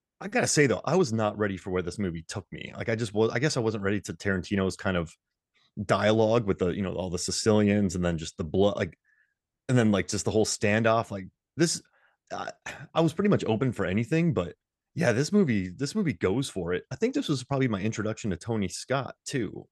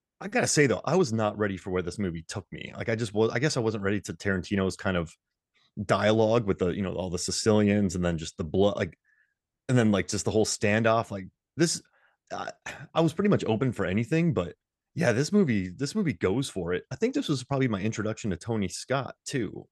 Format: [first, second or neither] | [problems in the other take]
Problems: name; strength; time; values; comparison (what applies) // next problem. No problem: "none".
neither | none